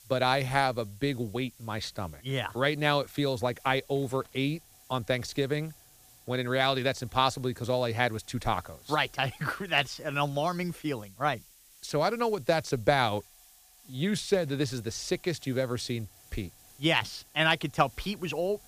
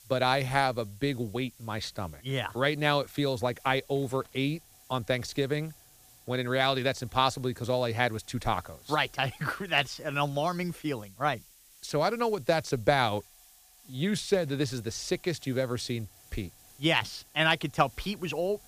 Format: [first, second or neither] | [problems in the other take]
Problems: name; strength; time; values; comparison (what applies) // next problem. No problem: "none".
neither | hiss; faint; throughout; 25 dB below the speech; the same in both